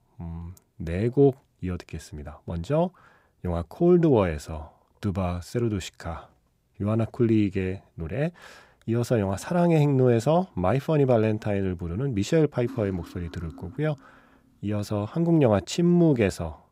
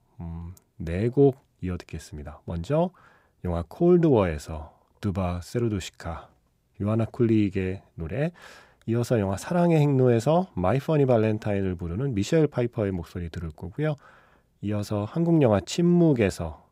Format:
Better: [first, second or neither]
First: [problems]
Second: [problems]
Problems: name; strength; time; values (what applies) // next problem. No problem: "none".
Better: second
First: clattering dishes; faint; from 13 to 14 s; peak 15 dB below the speech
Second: none